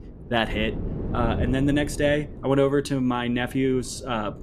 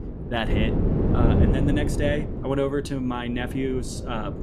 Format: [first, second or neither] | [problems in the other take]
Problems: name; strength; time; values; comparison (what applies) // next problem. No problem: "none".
first | wind noise on the microphone; heavy; 3 dB below the speech; occasional gusts in the first